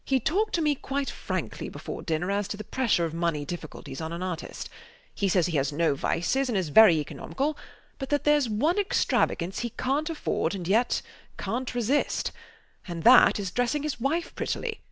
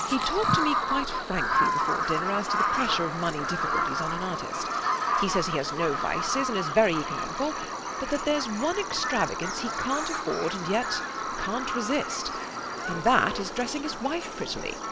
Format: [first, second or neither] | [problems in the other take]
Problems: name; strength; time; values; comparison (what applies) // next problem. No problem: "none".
first | background sound (Bird vocalization, bird call, bird song); as loud as the speech